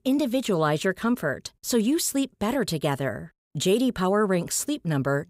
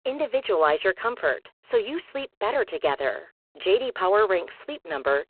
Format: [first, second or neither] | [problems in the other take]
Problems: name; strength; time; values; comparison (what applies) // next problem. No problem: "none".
first | phone-call audio; poor line